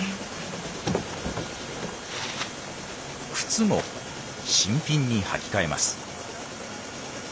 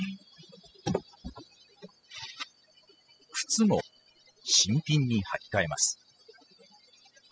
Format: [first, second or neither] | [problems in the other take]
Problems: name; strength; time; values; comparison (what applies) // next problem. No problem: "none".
first | noise reduction (classical method spectral subtraction)